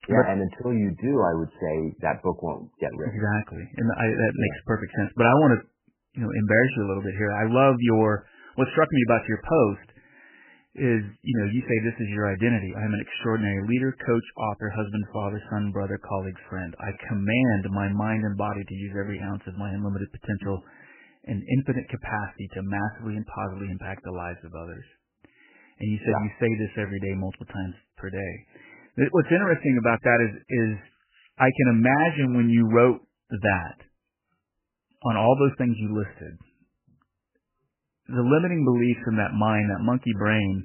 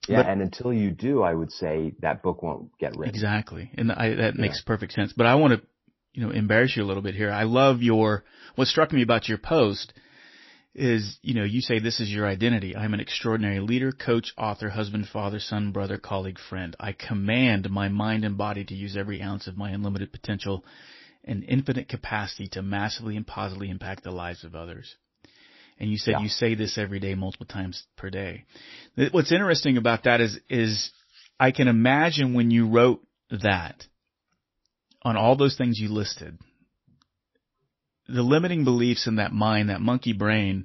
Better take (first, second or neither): second